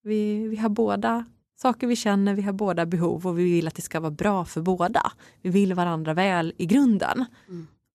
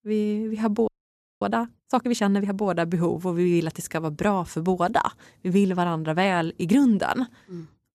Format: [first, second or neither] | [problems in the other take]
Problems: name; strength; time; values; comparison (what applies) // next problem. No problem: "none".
first | audio freezing; at 1 s for 0.5 s